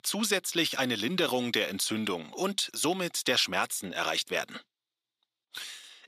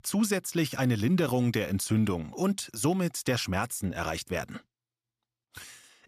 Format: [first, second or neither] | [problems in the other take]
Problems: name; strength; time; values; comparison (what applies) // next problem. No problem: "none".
second | thin; somewhat; fading below 300 Hz